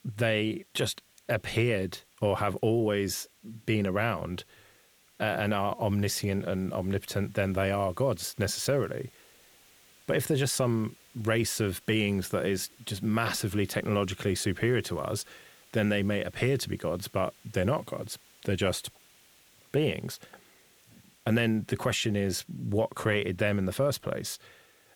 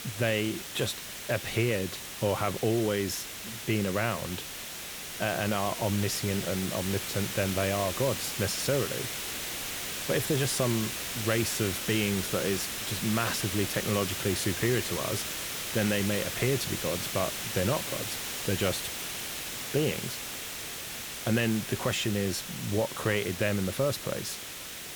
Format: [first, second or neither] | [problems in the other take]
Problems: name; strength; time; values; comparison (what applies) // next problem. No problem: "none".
first | hiss; loud; throughout; 4 dB below the speech; faint in the first